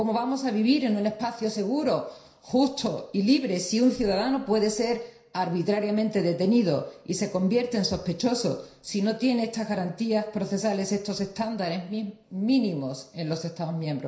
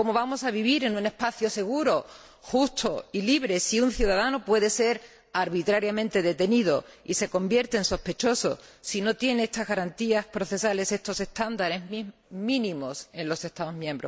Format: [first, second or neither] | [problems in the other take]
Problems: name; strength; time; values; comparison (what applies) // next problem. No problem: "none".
second | room echo; dies away in 0.5 s